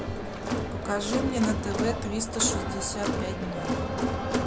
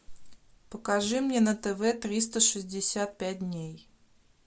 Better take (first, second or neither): second